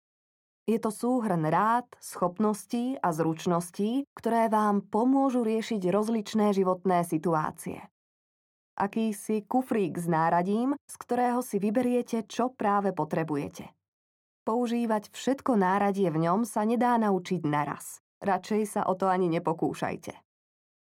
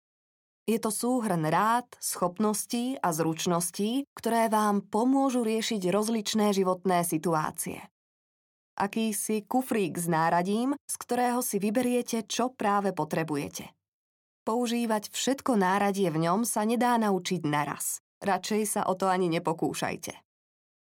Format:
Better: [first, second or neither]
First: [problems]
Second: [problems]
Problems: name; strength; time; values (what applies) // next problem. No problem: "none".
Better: second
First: muffled; slightly; fading above 2.5 kHz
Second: none